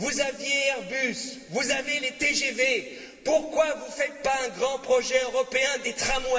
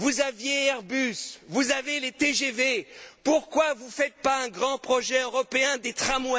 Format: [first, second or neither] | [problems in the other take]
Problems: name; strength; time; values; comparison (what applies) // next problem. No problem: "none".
second | room echo; dies away in 2 s